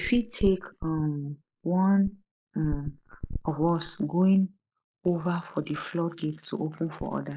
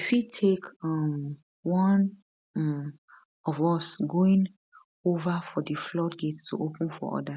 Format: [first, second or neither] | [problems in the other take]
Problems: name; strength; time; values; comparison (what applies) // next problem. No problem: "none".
second | noise reduction (neural mask model Resemble Enhance denoiser)